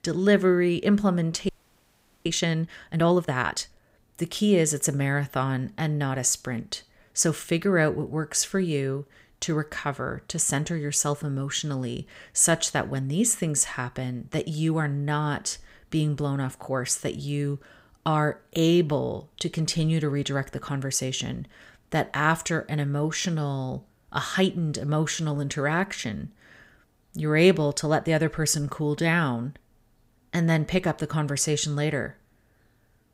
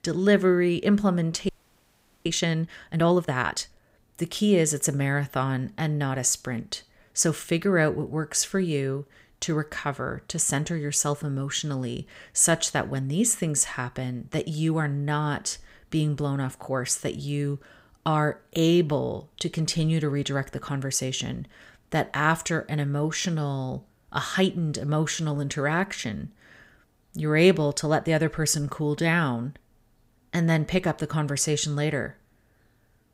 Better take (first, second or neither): neither